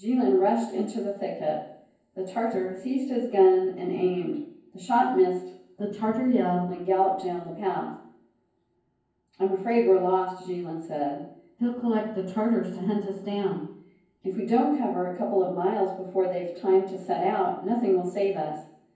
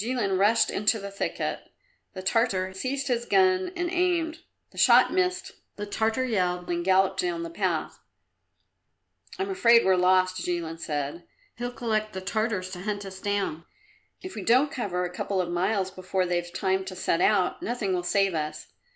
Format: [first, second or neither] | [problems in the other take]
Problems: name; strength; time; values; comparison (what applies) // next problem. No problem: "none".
second | room echo; dies away in 0.9 s